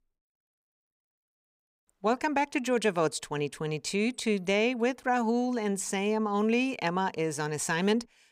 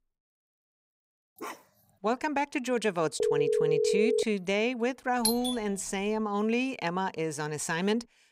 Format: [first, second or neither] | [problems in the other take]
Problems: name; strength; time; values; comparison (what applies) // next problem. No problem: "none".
first | dog barking; faint; at 1.5 s; peak 10 dB below the speech // phone ringing; loud; from 3 to 4 s; peak 4 dB above the speech // doorbell; loud; at 5.5 s; peak 1 dB above the speech